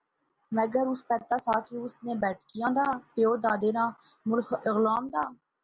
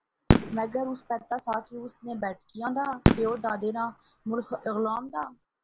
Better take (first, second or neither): first